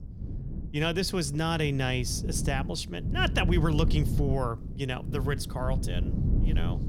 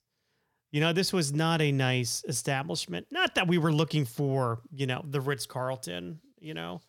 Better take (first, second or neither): second